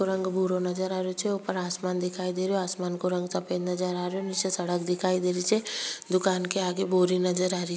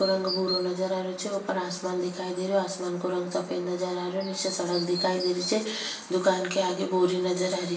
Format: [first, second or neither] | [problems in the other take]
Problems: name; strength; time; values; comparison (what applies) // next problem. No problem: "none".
first | background sound (Chirp, tweet); 13 dB below the speech // room echo; dies away in 0.8 s